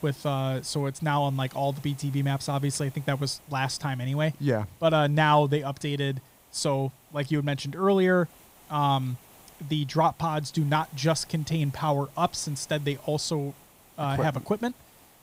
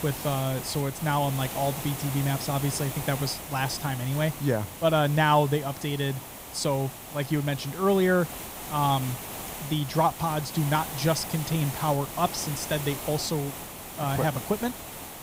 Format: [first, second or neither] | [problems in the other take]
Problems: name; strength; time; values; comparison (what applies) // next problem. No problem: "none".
first | hiss; loud; throughout; 9 dB below the speech; faint in the first